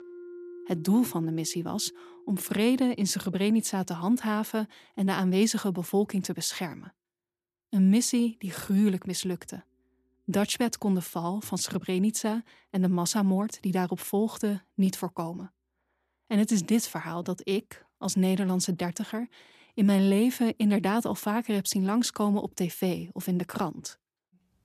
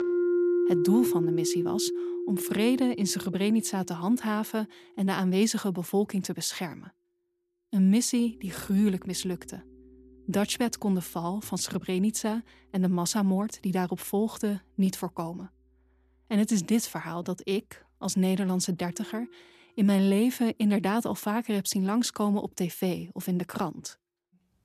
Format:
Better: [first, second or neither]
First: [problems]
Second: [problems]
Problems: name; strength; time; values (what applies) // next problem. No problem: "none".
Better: first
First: background music; faint; throughout; 20 dB below the speech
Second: background music; loud; throughout; 1 dB below the speech